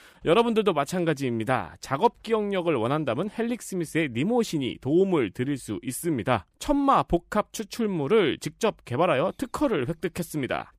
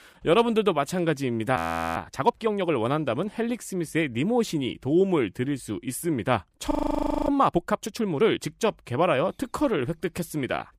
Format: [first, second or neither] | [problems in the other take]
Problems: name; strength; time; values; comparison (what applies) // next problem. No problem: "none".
first | audio freezing; at 1.5 s and at 6.5 s for 0.5 s